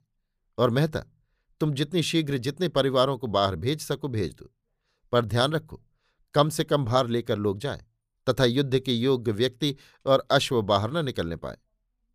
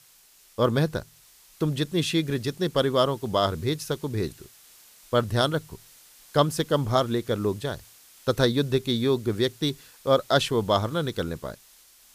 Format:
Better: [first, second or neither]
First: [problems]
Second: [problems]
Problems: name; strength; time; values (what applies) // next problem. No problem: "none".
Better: first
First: none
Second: hiss; faint; throughout; 25 dB below the speech